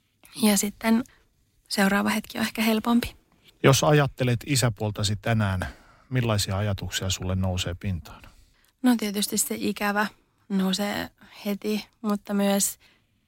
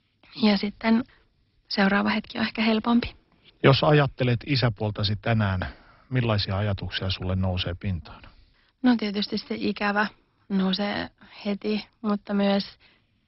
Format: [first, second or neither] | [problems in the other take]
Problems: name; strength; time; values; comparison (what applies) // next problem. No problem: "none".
first | garbled, watery; badly; nothing above 5.5 kHz